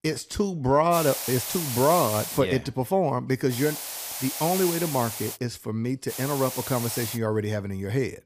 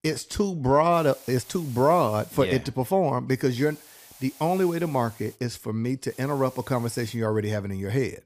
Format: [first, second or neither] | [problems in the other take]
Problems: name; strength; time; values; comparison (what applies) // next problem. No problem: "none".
second | hiss; loud; from 1 to 2.5 s, from 3.5 to 5.5 s and from 6 to 7 s; 5 dB below the speech; faint in the second